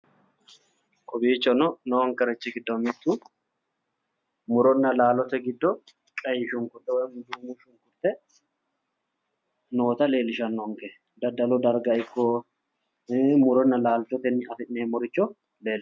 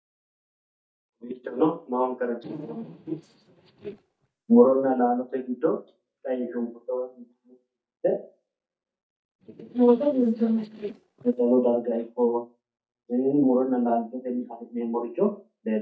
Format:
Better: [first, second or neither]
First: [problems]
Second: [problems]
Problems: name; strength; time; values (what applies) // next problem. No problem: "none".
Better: first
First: none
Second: noise reduction (neural mask model DeepFilterNet 3)